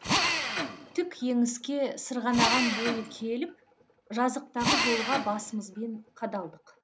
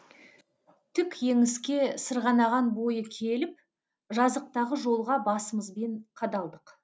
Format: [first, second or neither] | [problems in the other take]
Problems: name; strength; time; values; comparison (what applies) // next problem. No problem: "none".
second | background sound (Drill); 2 dB below the speech